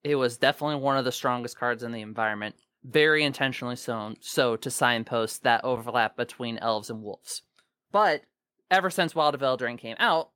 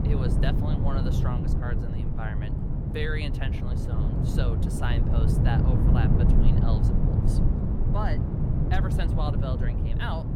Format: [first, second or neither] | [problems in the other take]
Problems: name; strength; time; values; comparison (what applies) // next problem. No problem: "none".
first | low rumble; loud; throughout; as loud as the speech